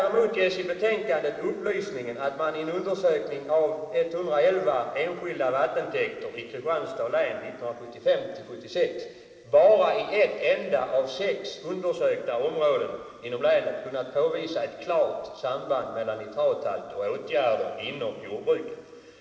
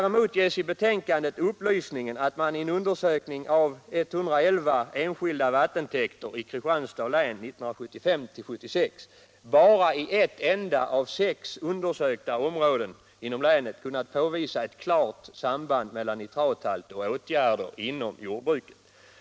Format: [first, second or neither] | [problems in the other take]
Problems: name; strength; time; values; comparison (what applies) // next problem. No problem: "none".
second | room echo; dies away in 2.1 s